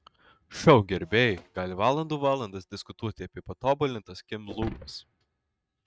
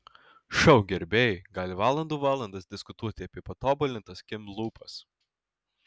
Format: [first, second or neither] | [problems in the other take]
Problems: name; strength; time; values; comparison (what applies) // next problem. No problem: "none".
second | noise reduction (neural mask model RNNoise)